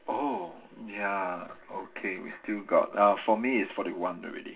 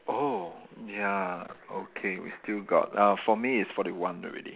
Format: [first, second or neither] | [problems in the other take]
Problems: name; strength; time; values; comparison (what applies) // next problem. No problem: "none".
second | room echo; dies away in 0.2 s